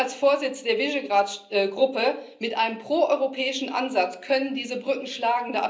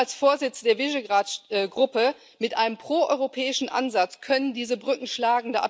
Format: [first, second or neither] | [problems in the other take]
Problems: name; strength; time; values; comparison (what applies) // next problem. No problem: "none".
second | room echo; dies away in 0.5 s